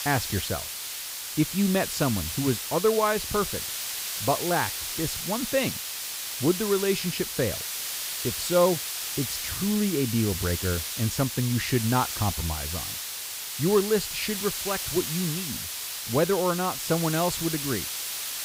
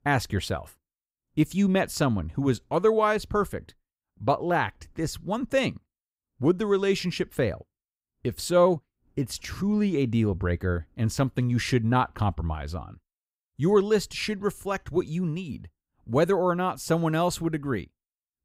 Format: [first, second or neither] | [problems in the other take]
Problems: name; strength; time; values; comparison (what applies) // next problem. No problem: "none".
second | hiss; loud; throughout; 3 dB below the speech